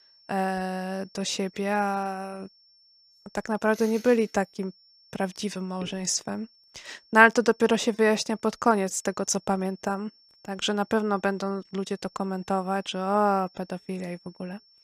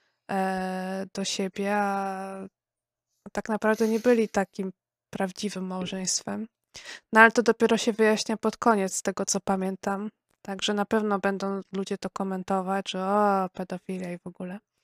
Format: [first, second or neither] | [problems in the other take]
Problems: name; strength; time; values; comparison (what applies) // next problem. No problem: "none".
second | high-pitched whine; faint; throughout; 5.5 kHz, 30 dB below the speech